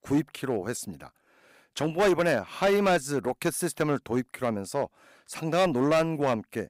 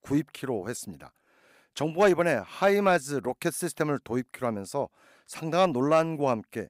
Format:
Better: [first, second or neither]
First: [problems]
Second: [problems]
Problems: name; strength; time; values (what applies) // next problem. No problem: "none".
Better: second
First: distortion; slight; 5% of the sound clipped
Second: none